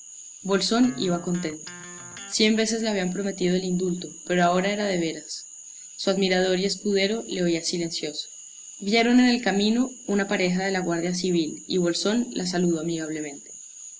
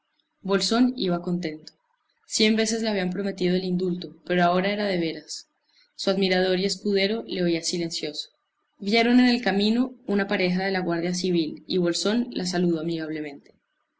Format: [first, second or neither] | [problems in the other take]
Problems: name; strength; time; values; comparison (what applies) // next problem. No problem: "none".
second | background sound (Cricket / Frog + Electric guitar); 17 dB below the speech